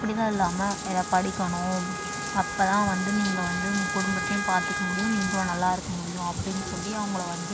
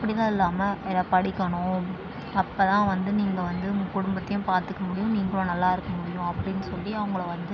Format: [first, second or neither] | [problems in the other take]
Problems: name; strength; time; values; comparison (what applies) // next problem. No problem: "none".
second | background sound (Bathtub (filling or washing) + Wind instrument, woodwind instrument); 6 dB below the speech